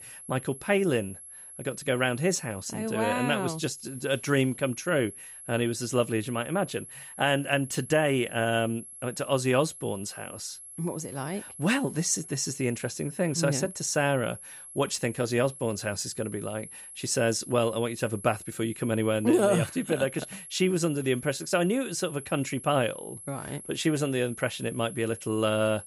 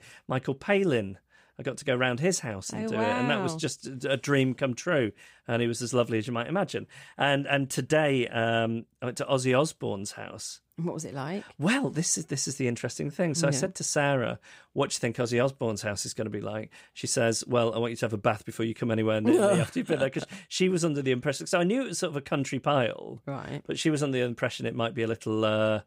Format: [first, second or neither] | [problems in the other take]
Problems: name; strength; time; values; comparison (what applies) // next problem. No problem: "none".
second | high-pitched whine; noticeable; throughout; 11 kHz, 15 dB below the speech